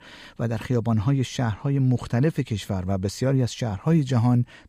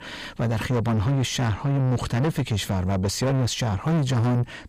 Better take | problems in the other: first | distortion; heavy; 7 dB below the speech

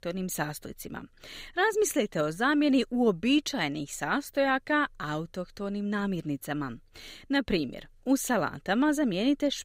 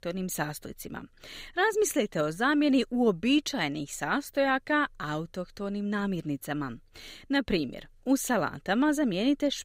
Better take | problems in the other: neither | none

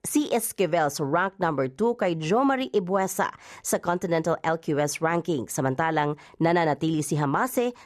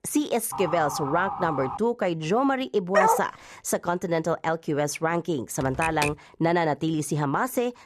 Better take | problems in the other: first | siren; noticeable; from 0.5 to 2 s; peak 6 dB below the speech // dog barking; loud; at 3 s; peak 5 dB above the speech // keyboard typing; noticeable; at 5.5 s; peak 3 dB below the speech

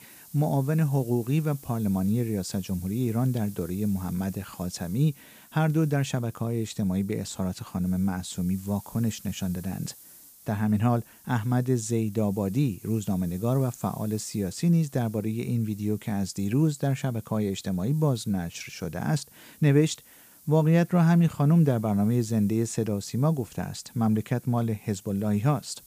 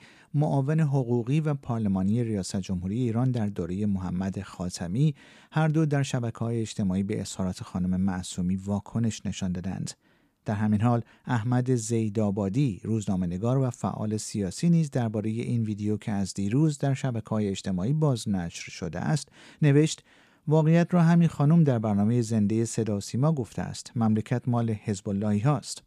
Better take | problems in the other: second | hiss; faint; throughout; 20 dB below the speech

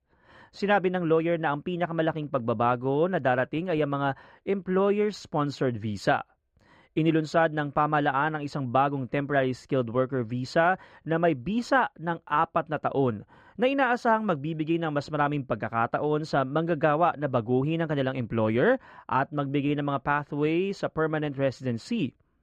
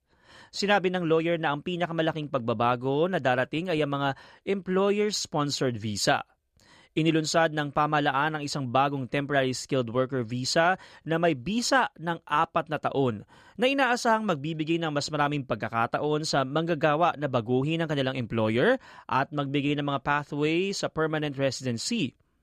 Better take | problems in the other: second | muffled; slightly; fading above 3.5 kHz

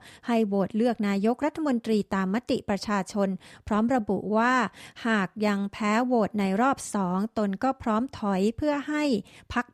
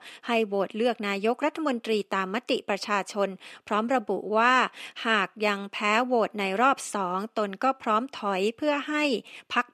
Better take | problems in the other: first | thin; somewhat; fading below 350 Hz

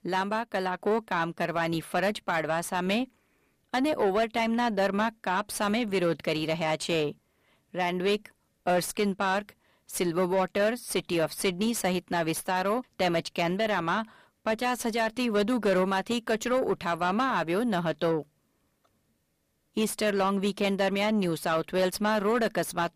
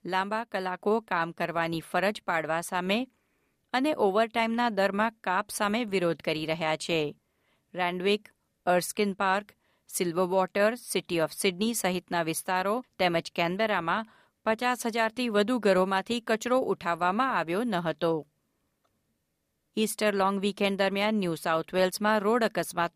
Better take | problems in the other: second | distortion; slight; 10 dB below the speech

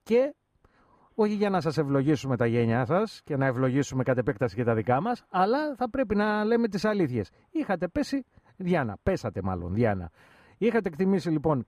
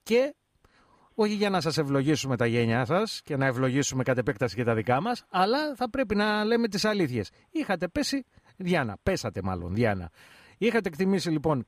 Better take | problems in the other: second | muffled; slightly; fading above 2 kHz

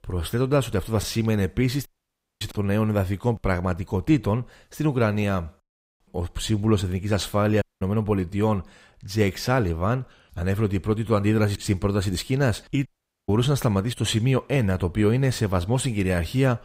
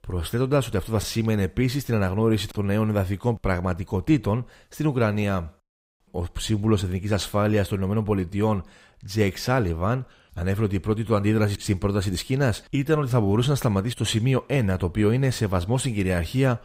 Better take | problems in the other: second | audio cutting out; at 2 s for 0.5 s, at 7.5 s and at 13 s

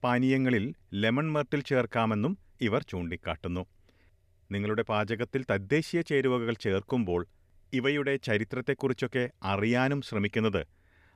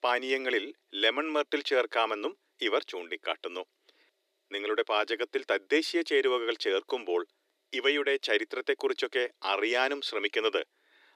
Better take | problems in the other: first | thin; very; fading below 300 Hz

